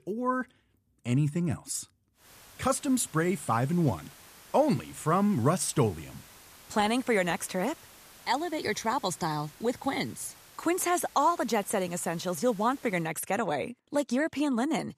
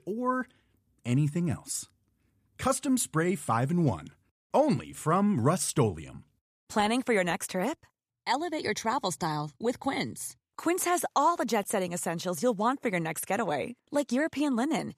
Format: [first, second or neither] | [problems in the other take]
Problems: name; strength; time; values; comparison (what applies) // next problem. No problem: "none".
second | hiss; faint; from 2 to 13 s; 20 dB below the speech